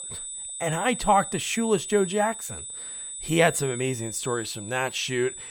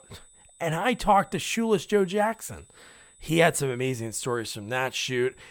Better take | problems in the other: second | high-pitched whine; loud; throughout; 8 kHz, 8 dB below the speech; faint in the second

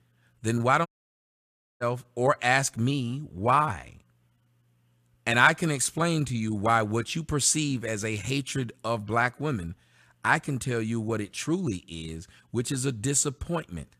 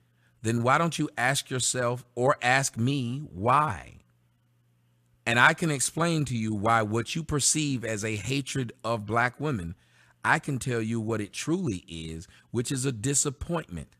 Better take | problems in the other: second | audio cutting out; at 1 s for 1 s

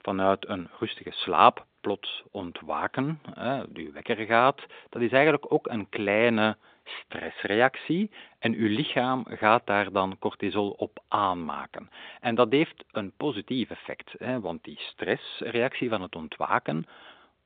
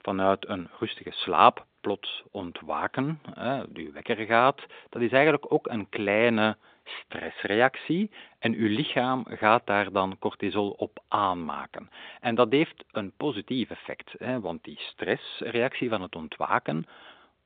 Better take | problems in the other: neither | phone-call audio; nothing above 3.5 kHz; the same in both

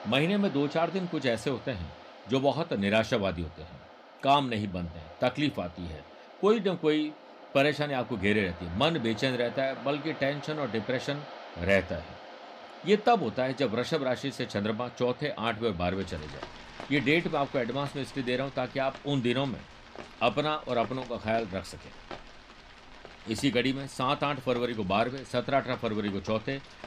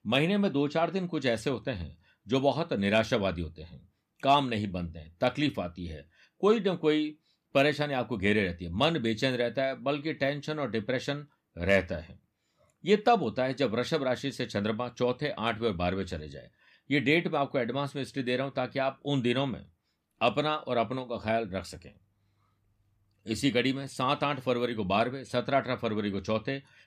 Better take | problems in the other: second | rain or running water; noticeable; throughout; 15 dB below the speech

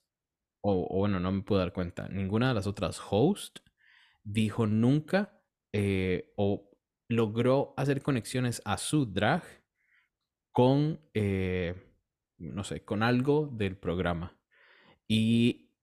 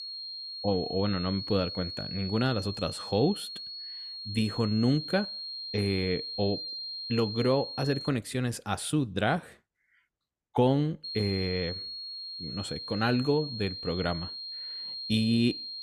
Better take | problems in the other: first | high-pitched whine; loud; until 8 s and from 11 s on; 4 kHz, 7 dB below the speech

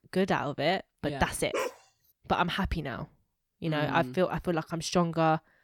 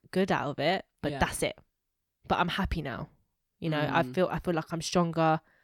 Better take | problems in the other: second | dog barking; noticeable; at 1.5 s; peak 4 dB below the speech

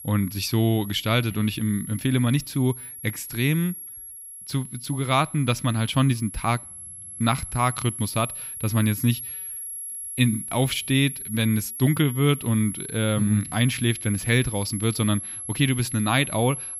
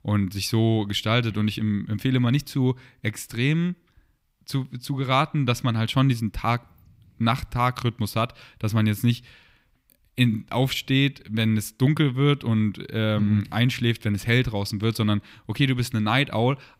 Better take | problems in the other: second | high-pitched whine; loud; throughout; 11 kHz, 9 dB below the speech

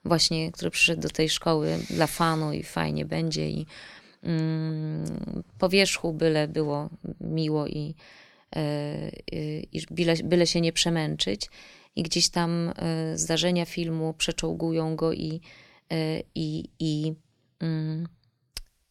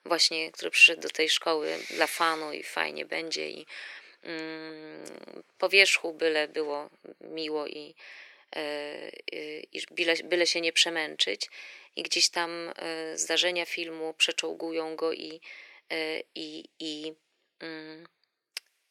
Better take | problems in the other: first | thin; very; fading below 400 Hz

